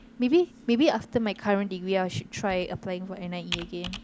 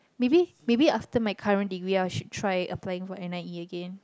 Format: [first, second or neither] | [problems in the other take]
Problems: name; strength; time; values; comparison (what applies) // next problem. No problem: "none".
second | background sound (Computer keyboard); 16 dB below the speech